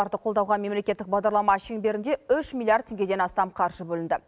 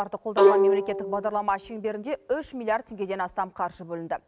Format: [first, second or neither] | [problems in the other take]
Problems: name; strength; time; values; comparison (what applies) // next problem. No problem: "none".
first | background sound (Bowed string instrument); 4 dB above the speech